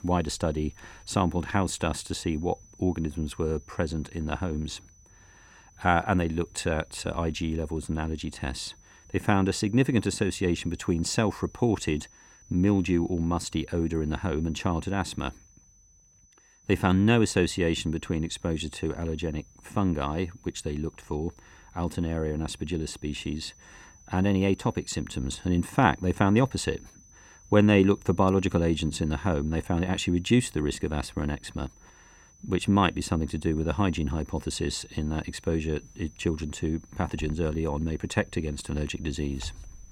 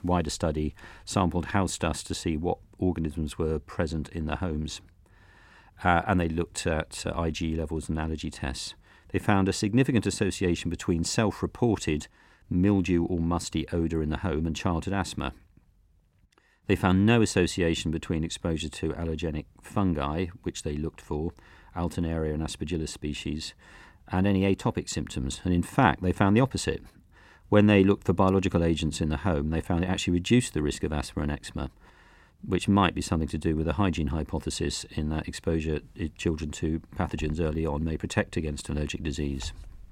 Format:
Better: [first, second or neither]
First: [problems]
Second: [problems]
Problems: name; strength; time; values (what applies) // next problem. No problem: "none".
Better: second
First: high-pitched whine; faint; throughout; 6 kHz, 30 dB below the speech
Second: none